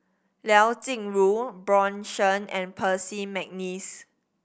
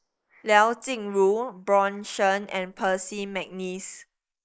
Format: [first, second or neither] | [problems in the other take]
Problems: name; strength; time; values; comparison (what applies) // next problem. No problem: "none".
first | noise reduction (neural mask model Resemble Enhance denoiser)